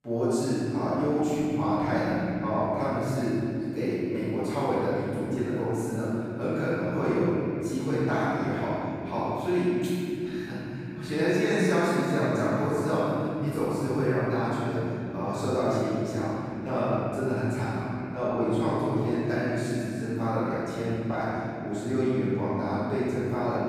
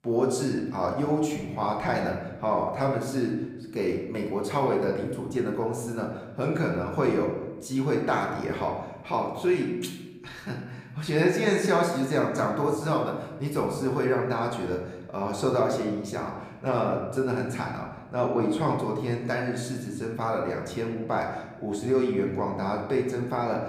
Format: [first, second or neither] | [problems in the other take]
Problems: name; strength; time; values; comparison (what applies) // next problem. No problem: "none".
second | room echo; strong; dies away in 3 s; slight in the second // off-mic speech; far; somewhat distant in the second